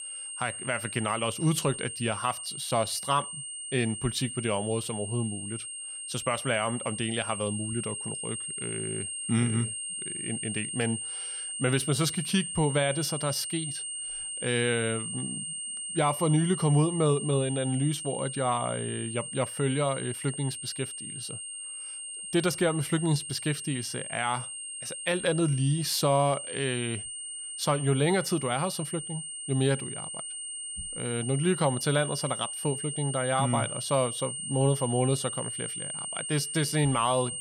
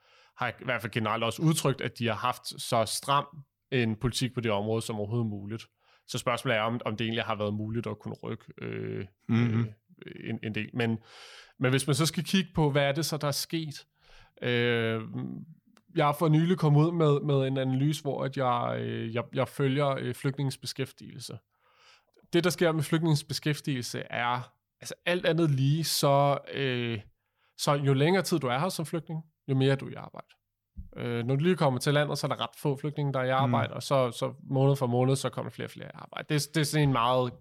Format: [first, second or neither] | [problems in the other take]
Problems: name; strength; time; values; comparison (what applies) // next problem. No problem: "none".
second | high-pitched whine; loud; throughout; 8.5 kHz, 5 dB below the speech